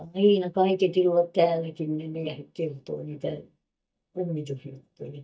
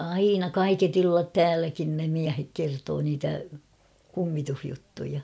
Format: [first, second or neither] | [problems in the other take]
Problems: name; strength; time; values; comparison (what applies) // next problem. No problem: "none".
second | noise reduction (neural mask model DeepFilterNet 3)